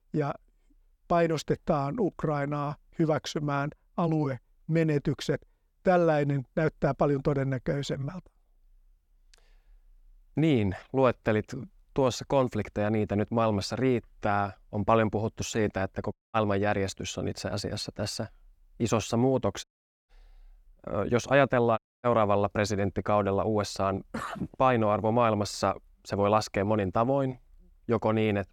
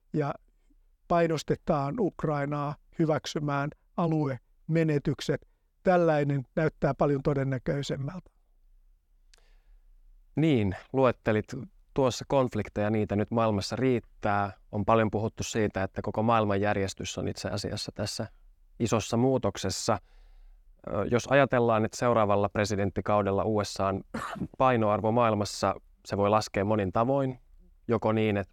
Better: second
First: audio cutting out; at 16 s, at 20 s and at 22 s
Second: none

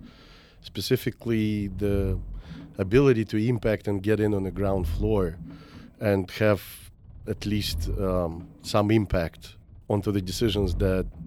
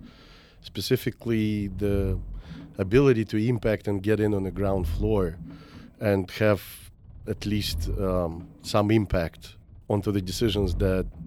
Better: neither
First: low rumble; faint; throughout; 25 dB below the speech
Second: low rumble; faint; throughout; 25 dB below the speech

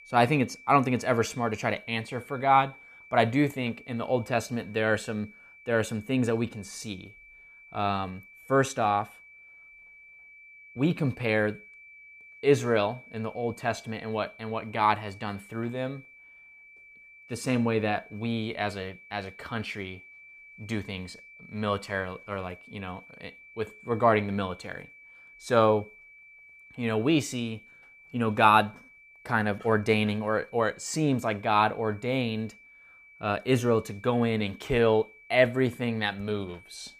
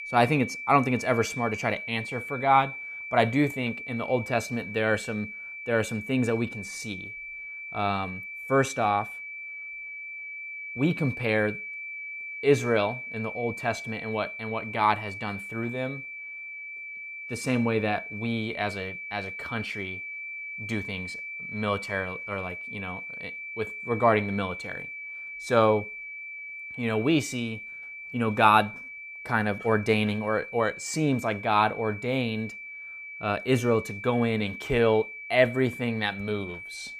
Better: first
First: high-pitched whine; faint; throughout; 2.5 kHz, 20 dB below the speech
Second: high-pitched whine; loud; throughout; 2.5 kHz, 9 dB below the speech

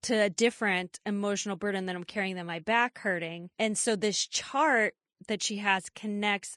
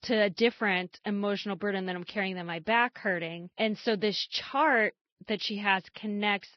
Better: first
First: garbled, watery; slightly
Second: garbled, watery; badly; nothing above 5.5 kHz

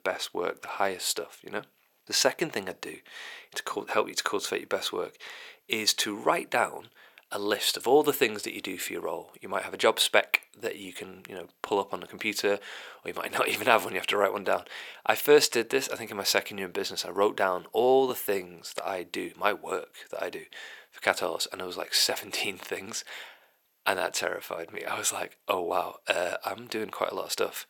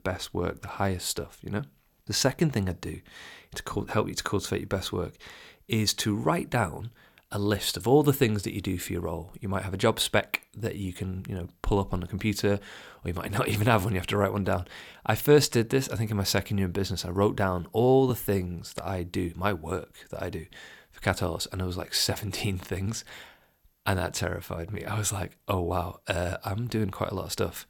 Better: second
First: thin; very; fading below 500 Hz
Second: none

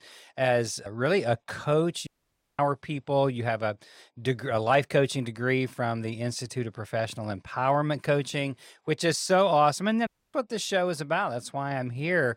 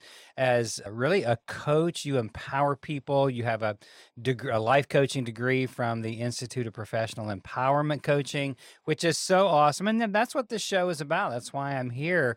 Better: second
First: audio cutting out; at 2 s for 0.5 s and at 10 s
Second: none

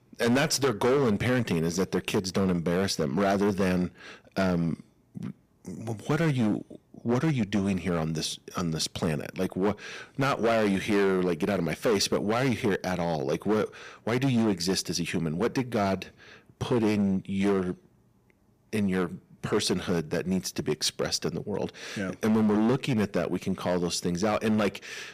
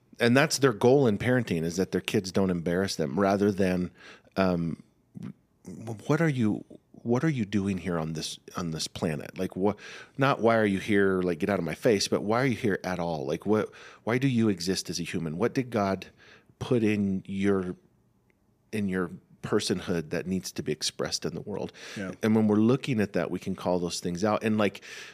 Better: second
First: distortion; heavy; 9% of the sound clipped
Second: none

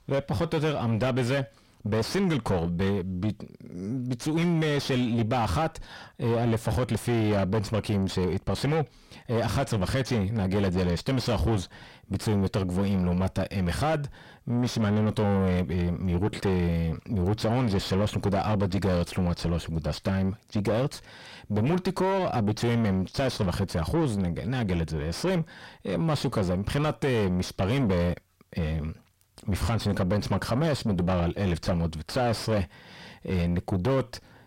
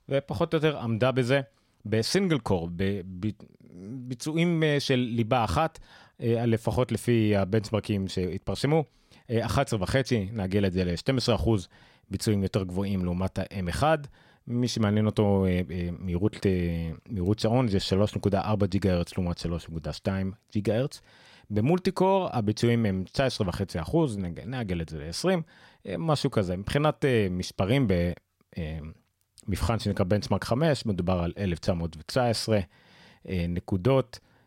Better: second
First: distortion; heavy; 6 dB below the speech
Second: none

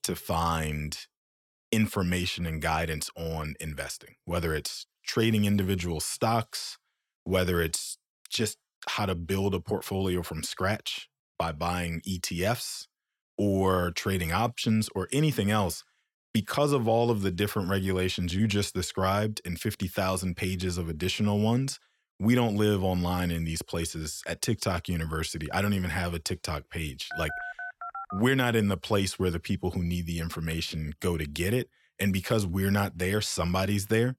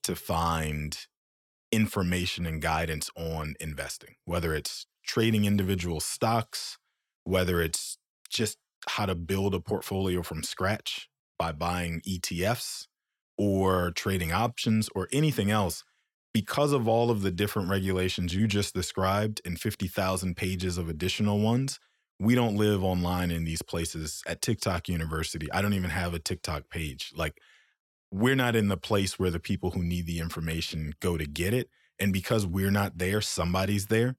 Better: second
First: phone ringing; noticeable; from 27 to 28 s; peak 7 dB below the speech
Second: none

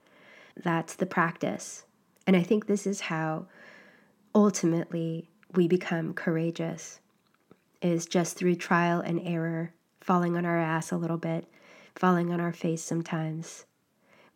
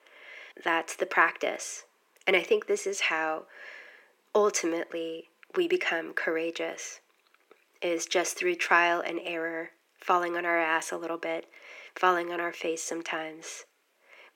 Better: first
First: none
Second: thin; very; fading below 400 Hz

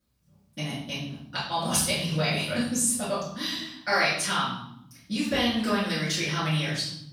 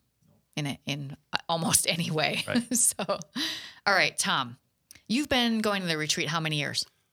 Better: second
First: off-mic speech; far // room echo; noticeable; dies away in 0.7 s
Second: none

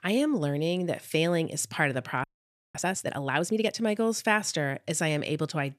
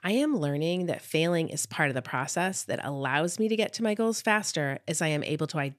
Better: second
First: audio freezing; at 2 s for 0.5 s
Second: none

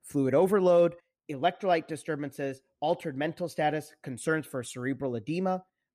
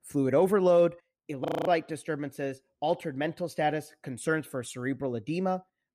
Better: first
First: none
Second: audio freezing; at 1.5 s

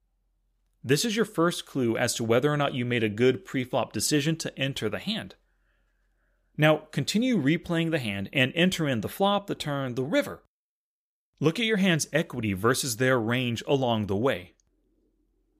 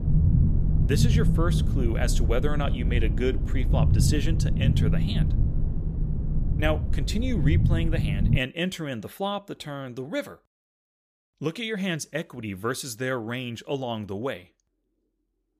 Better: first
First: none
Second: low rumble; loud; until 8.5 s; 5 dB below the speech

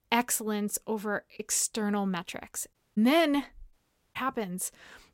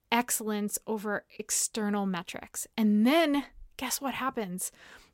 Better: second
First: audio cutting out; at 2.5 s and at 3.5 s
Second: none

